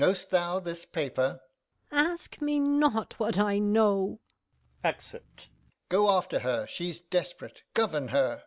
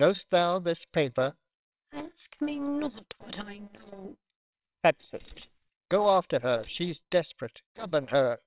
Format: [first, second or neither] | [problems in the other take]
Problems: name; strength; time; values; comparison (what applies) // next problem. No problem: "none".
first | noise reduction (neural separator model SepFormer WHAMR!)